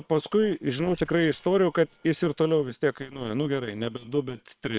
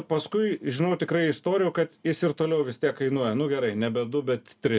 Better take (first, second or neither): second